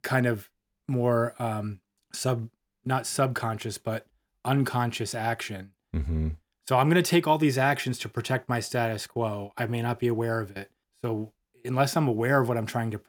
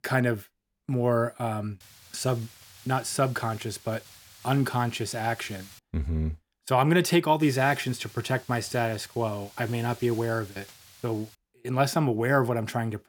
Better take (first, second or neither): first